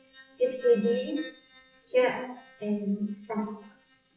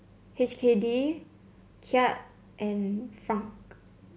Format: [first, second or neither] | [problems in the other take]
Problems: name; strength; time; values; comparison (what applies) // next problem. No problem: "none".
second | noise reduction (classical method WPE with log-MMSE)